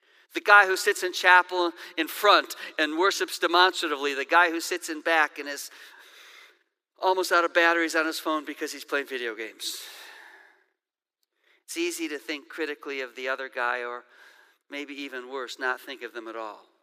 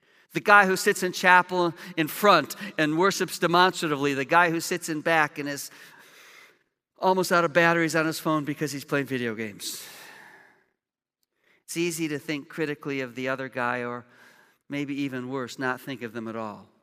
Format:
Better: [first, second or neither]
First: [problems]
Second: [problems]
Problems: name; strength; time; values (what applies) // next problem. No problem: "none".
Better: second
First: thin; somewhat; fading below 350 Hz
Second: none